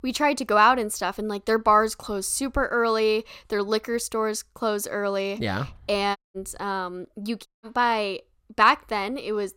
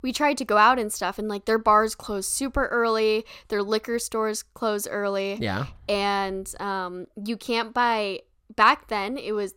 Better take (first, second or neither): second